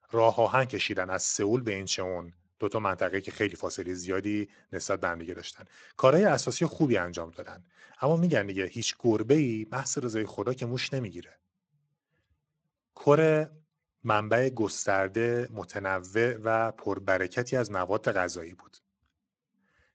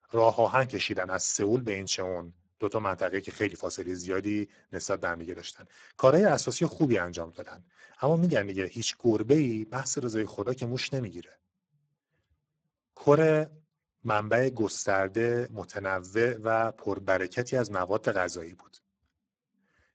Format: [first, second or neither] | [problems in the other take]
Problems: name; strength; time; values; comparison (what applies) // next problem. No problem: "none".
first | garbled, watery; badly; nothing above 7.5 kHz; slightly in the first